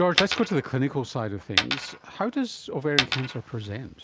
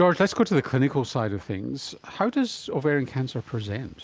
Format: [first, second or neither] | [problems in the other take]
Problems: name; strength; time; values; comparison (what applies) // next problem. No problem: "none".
second | background sound (Coin (dropping)); 2 dB below the speech